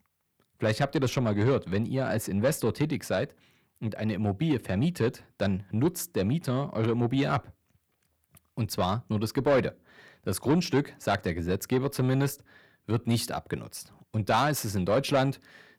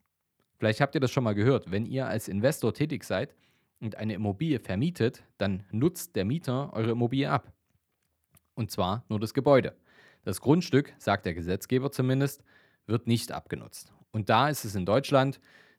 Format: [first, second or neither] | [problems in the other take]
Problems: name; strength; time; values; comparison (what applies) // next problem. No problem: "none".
second | distortion; slight; 10 dB below the speech